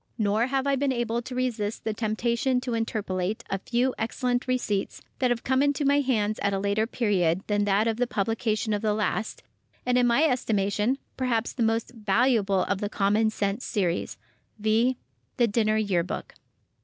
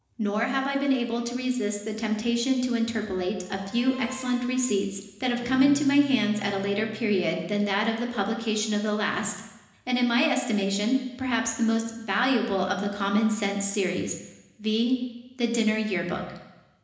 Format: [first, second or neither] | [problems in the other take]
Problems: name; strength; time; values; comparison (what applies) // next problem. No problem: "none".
first | background sound (Bowed string instrument); 15 dB below the speech // room echo; dies away in 1 s